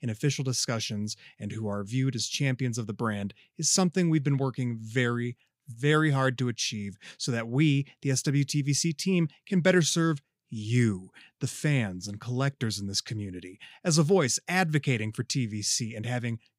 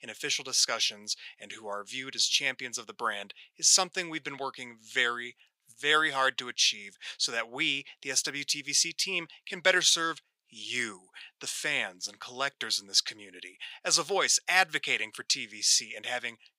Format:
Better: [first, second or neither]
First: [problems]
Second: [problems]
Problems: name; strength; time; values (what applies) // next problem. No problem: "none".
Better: first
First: none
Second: thin; very; fading below 750 Hz